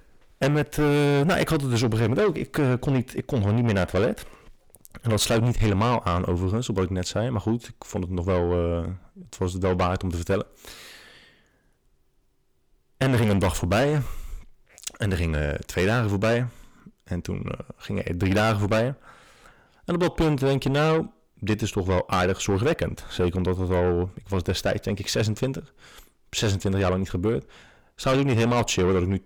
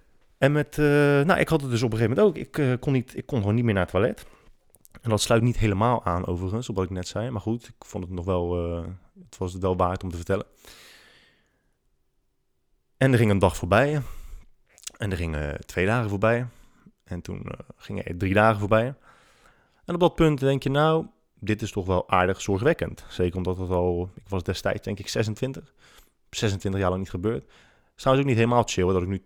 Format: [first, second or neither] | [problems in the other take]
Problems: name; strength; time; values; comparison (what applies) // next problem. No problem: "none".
second | distortion; heavy; 7 dB below the speech